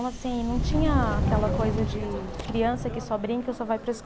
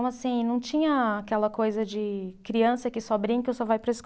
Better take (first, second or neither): second